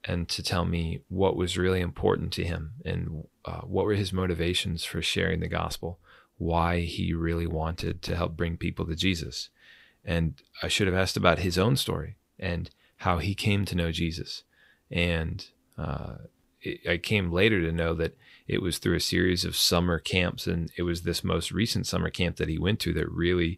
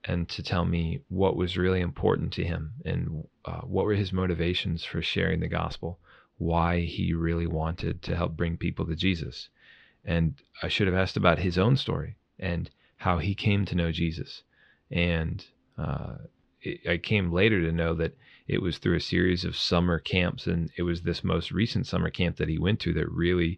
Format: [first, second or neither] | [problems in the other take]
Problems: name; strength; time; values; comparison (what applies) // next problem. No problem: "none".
first | muffled; very slightly; fading above 4 kHz